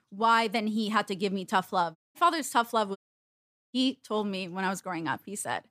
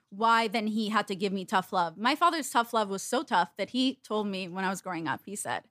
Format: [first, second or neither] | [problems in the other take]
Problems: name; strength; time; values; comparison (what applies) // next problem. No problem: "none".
second | audio cutting out; at 2 s and at 3 s for 1 s